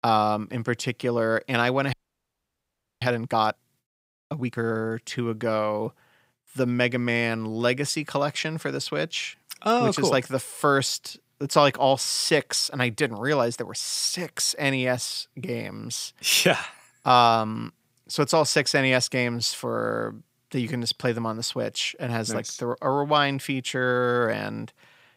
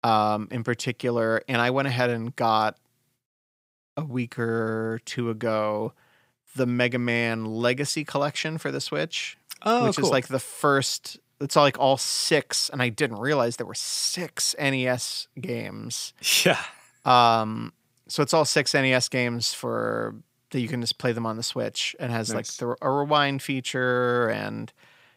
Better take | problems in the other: second | audio freezing; at 2 s for 1 s

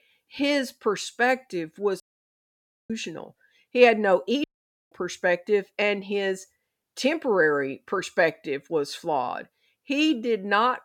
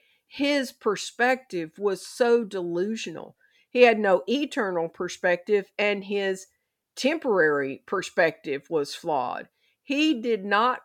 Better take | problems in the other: second | audio cutting out; at 2 s for 1 s and at 4.5 s

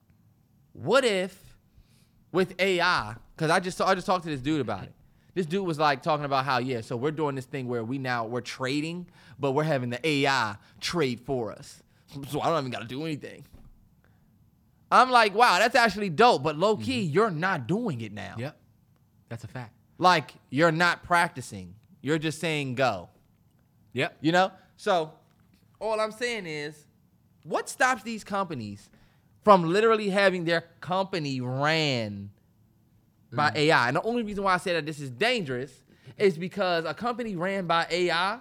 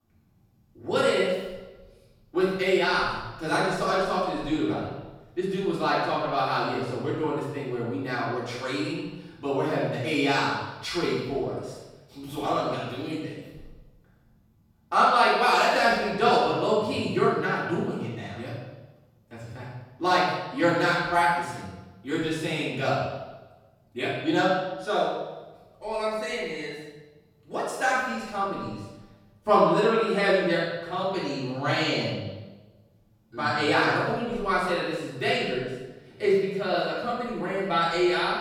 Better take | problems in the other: first | room echo; strong; dies away in 1 s // off-mic speech; far

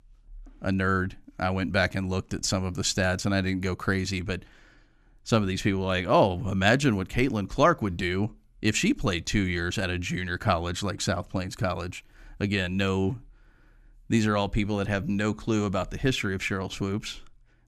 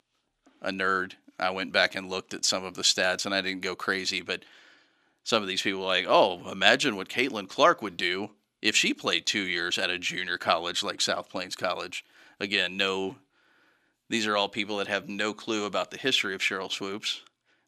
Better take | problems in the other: first | thin; somewhat; fading below 350 Hz

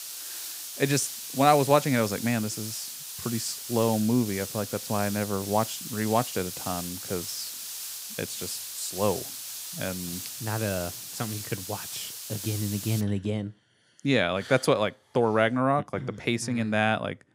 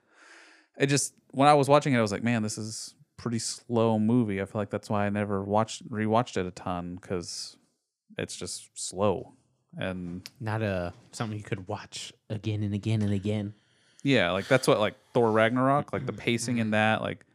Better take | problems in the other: second | hiss; loud; until 13 s; 7 dB below the speech

